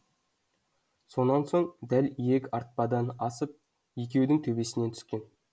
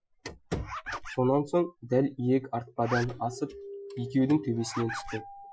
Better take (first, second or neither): first